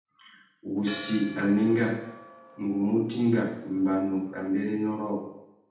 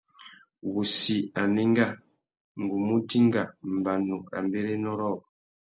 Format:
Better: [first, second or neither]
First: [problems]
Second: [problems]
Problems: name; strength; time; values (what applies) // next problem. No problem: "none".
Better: second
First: background sound (Church bell); 19 dB below the speech // room echo; dies away in 0.8 s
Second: none